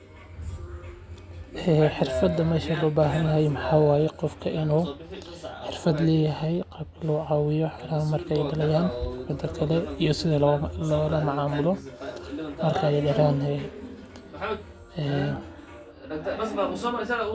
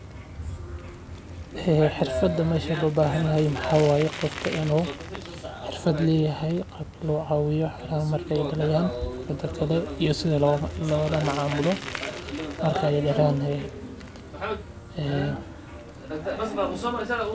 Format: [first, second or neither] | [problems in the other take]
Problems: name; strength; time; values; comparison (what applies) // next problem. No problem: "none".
first | background sound (Bicycle); 15 dB below the speech